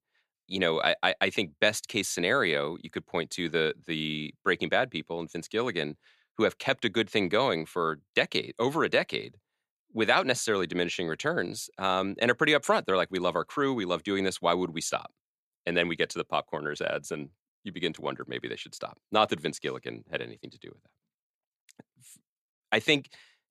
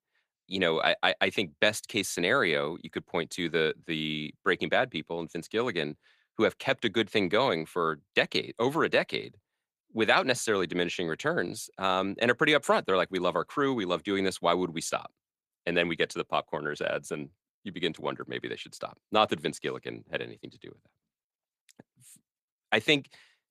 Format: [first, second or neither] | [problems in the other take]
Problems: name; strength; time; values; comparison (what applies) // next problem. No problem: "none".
first | garbled, watery; slightly